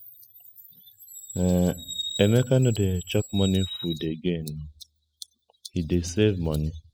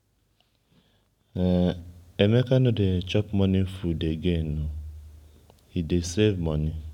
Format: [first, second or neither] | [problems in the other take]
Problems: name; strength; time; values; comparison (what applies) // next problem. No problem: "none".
second | noise reduction (classical method spectral subtraction)